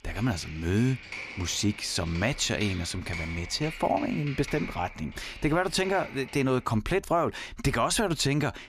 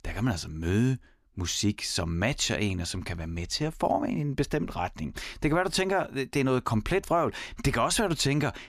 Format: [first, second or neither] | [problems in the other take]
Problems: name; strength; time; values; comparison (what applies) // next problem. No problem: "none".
second | keyboard typing; noticeable; until 6.5 s; peak 8 dB below the speech